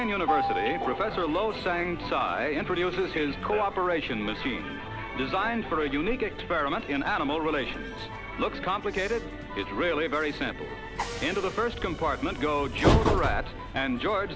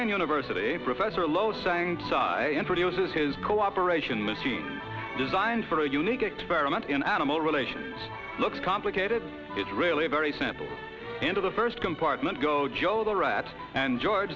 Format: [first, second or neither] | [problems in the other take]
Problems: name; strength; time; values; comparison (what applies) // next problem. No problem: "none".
second | background sound (Train); 5 dB below the speech